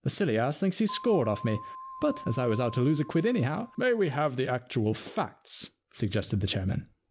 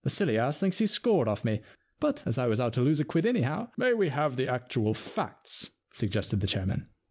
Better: second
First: background sound (Keyboard (musical)); 15 dB below the speech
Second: none

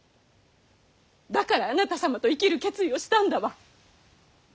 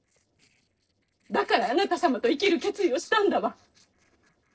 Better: first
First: none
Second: noise reduction (neural separator model SepFormer DNS4)

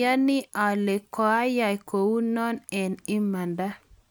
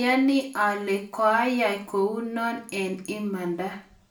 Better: first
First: none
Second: room echo; dies away in 0.4 s

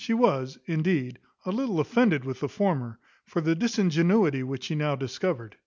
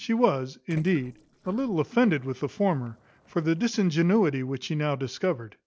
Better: first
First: none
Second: noise reduction (neural separator model SepFormer DNS4)

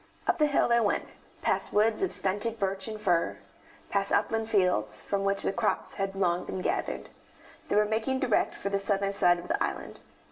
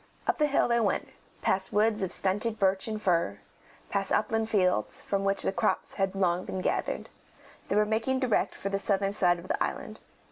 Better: second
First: room echo; dies away in 0.7 s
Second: none

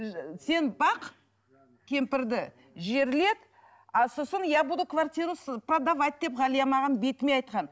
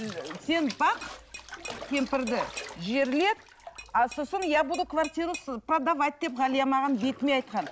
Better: first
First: none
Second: background sound (Bathtub (filling or washing) + Tap / Glass); 15 dB below the speech

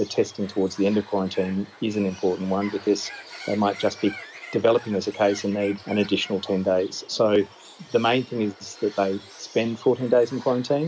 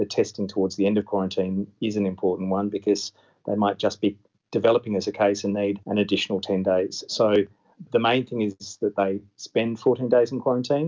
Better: second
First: background sound (Bird); 19 dB below the speech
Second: none

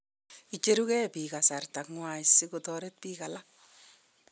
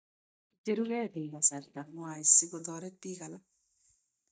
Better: first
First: none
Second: noise reduction (neural mask model DeepFilterNet 3)

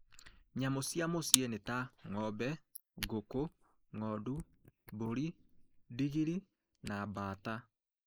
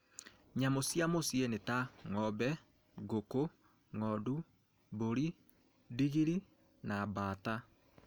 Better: second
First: noise reduction (neural mask model Resemble Enhance denoiser)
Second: none

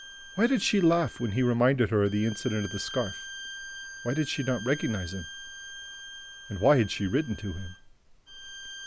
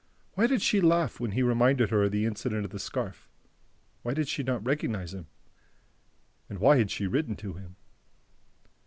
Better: second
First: background sound (Bowed string instrument); 14 dB below the speech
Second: none

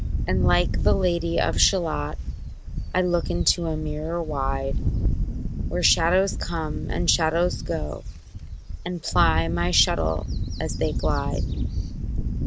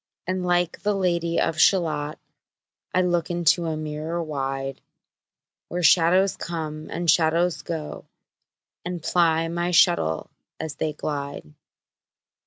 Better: second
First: background sound (Wind / Bird); as loud as the speech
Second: none

